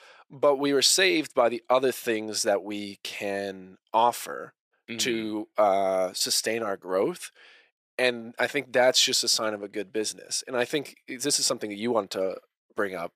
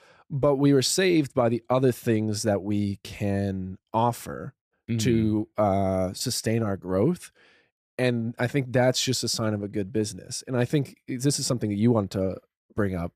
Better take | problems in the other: second | thin; somewhat; fading below 500 Hz

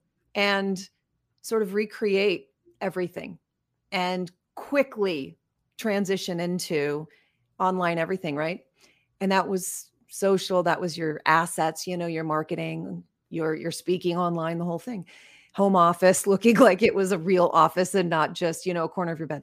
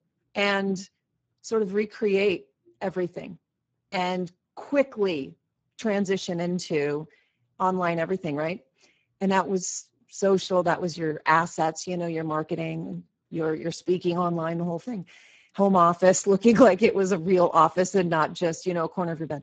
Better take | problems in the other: first | garbled, watery; badly; nothing above 7.5 kHz

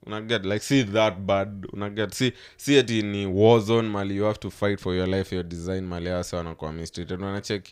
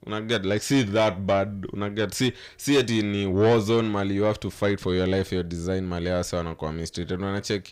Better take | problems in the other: first | distortion; slight; 10 dB below the speech

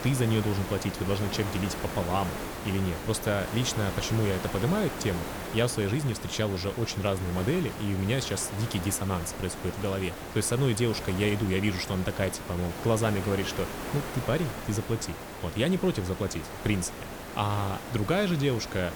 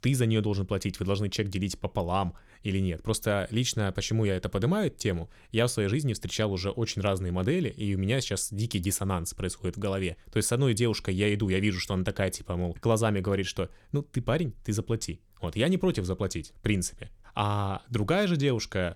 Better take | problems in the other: second | hiss; loud; throughout; 8 dB below the speech

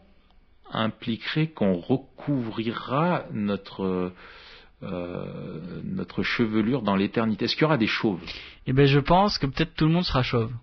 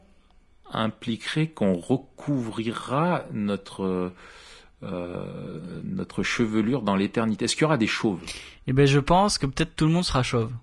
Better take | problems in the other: second | garbled, watery; badly; nothing above 5.5 kHz; slightly in the second

